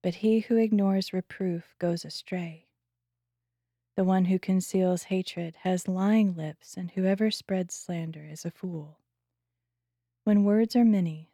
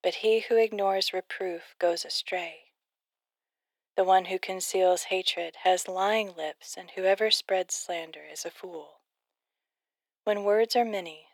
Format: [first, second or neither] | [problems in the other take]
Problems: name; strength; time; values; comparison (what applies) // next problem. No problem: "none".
first | thin; very; fading below 450 Hz